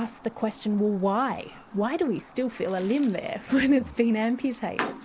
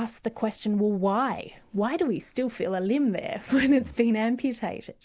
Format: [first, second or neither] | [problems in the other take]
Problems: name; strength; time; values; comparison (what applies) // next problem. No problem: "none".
second | background sound (Chirp, tweet); 16 dB below the speech